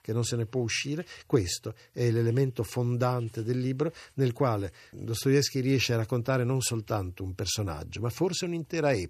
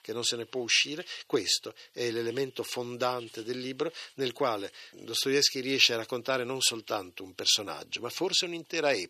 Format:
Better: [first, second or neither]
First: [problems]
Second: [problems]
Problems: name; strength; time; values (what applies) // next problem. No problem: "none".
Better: first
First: none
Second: thin; somewhat; fading below 350 Hz